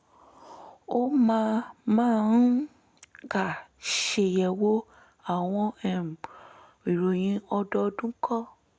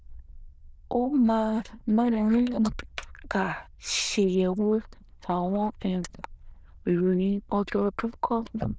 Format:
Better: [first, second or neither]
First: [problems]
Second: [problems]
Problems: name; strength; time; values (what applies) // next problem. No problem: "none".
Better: first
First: none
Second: noise reduction (neural diffusion model UNIVERSE++)